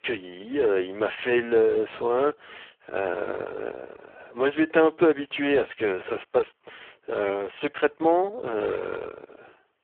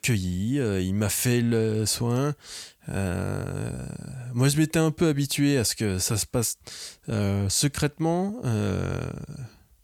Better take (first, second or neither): second